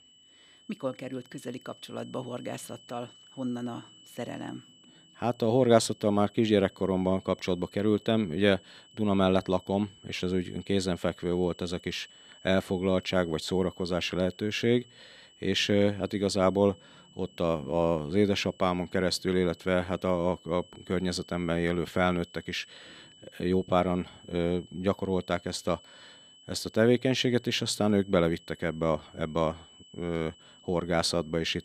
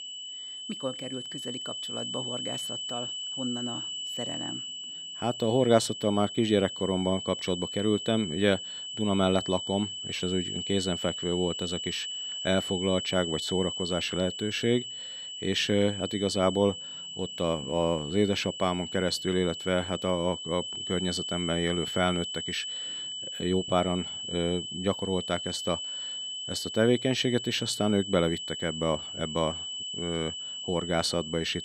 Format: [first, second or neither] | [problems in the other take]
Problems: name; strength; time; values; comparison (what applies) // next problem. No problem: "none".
first | high-pitched whine; loud; throughout; 3 kHz, 5 dB below the speech; faint in the first